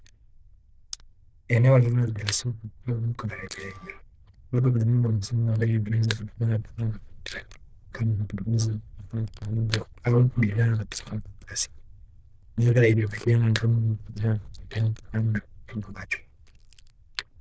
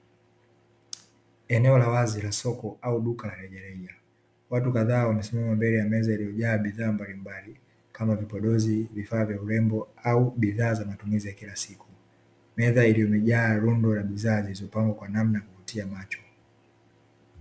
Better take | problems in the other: second | noise reduction (neural diffusion model UNIVERSE++)

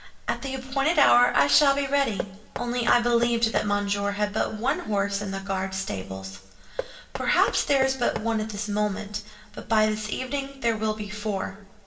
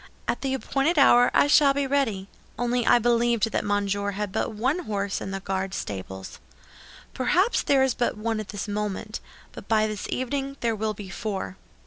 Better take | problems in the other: second | background sound (Knock); 12 dB below the speech // room echo; dies away in 0.8 s

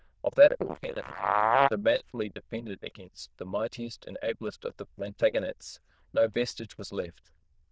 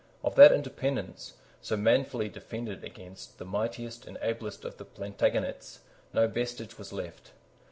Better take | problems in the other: second | noise reduction (neural diffusion model UNIVERSE++)

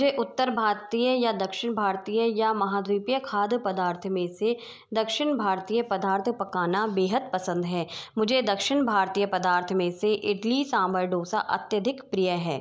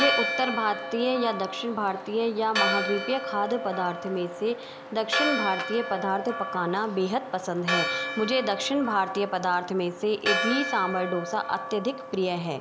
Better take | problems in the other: first | background sound (Church bell); 4 dB below the speech

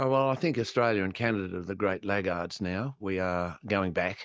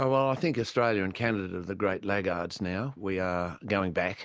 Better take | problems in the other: second | noise reduction (neural mask model DeepFilterNet 3)

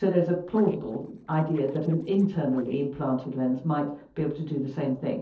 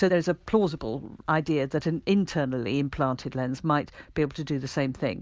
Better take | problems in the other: second | noise reduction (neural separator model SepFormer DNS4)

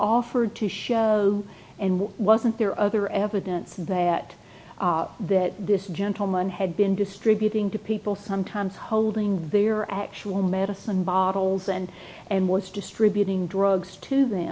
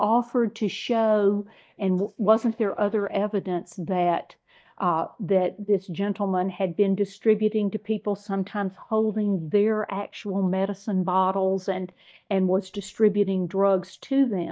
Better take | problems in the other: first | noise reduction (neural mask model DeepFilterNet 3)

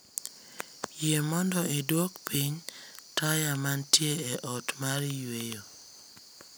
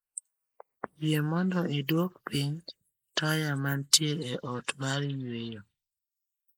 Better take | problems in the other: first | noise reduction (neural mask model Resemble Enhance denoiser)

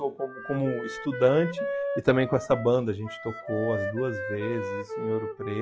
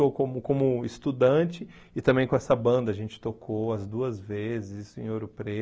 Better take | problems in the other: second | noise reduction (classical method log-MMSE)

